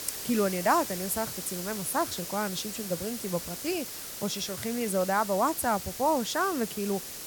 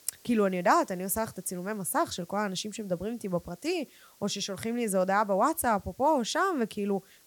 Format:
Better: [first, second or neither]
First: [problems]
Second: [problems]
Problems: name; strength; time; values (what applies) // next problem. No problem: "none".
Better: second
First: hiss; loud; throughout; 6 dB below the speech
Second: hiss; faint; throughout; 25 dB below the speech